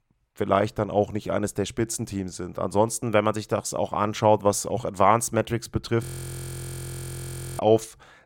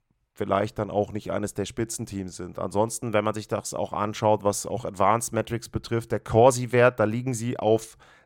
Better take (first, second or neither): second